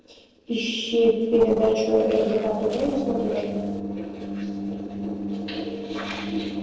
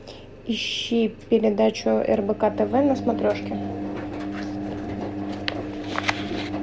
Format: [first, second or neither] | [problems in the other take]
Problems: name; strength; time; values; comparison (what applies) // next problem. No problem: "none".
second | noise reduction (neural separator model SepFormer DNS4)